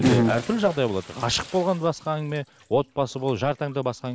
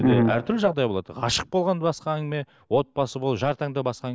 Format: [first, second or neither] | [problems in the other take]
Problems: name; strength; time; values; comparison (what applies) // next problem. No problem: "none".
second | background sound (Bathtub (filling or washing) / Splash, splatter); 15 dB below the speech